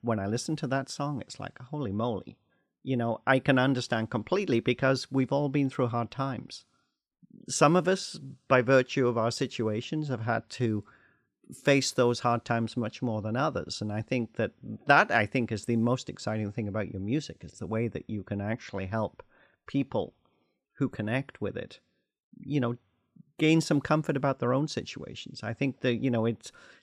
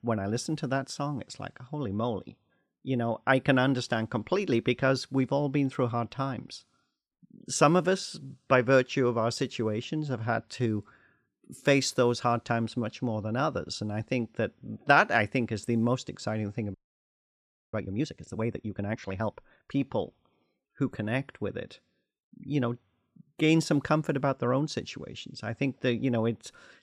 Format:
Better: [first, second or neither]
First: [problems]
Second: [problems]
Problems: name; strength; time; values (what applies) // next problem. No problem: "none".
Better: first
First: none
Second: audio freezing; at 17 s for 1 s